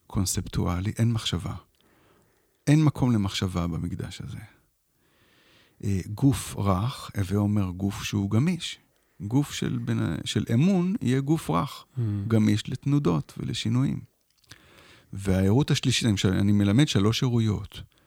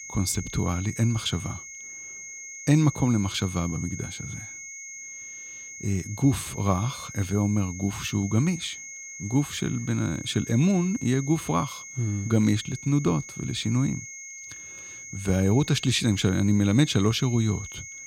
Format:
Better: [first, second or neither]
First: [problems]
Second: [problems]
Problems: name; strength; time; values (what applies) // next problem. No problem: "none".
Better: first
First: none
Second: high-pitched whine; noticeable; throughout; 6.5 kHz, 10 dB below the speech